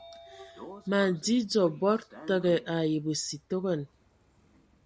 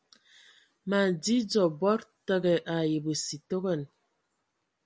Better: second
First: background sound (Sliding door / Train); 20 dB below the speech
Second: none

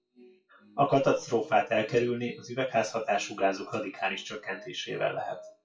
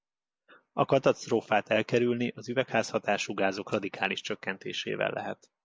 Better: second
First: noise reduction (classical method WPE with log-MMSE)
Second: none

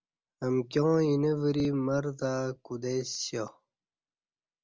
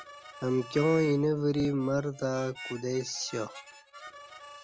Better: first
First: none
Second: background sound (Harmonica); 16 dB below the speech

